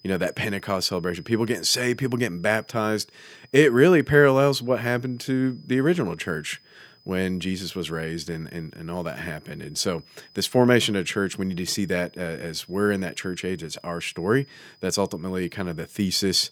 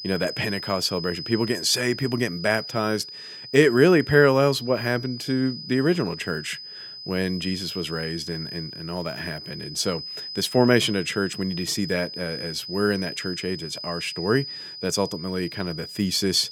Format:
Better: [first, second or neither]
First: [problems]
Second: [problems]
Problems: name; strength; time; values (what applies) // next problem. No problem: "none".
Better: first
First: high-pitched whine; faint; throughout; 5 kHz, 30 dB below the speech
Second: high-pitched whine; loud; throughout; 5 kHz, 10 dB below the speech